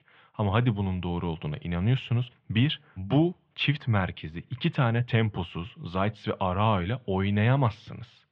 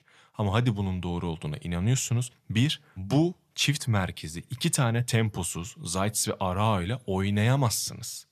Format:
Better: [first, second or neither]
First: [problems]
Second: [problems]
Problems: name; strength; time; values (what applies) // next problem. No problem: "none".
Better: second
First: muffled; very; fading above 3 kHz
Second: none